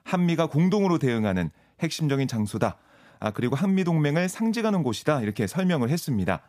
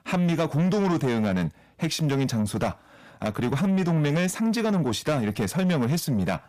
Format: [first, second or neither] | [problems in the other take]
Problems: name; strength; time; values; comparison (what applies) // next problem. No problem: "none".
first | distortion; slight; 10 dB below the speech